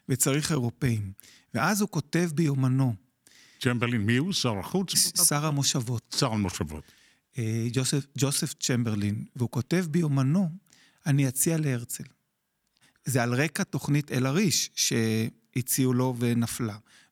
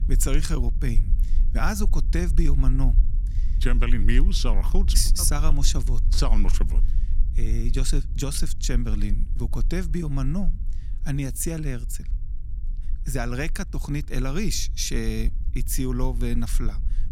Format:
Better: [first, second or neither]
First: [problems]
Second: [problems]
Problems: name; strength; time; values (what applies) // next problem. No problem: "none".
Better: first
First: none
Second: low rumble; noticeable; throughout; 20 dB below the speech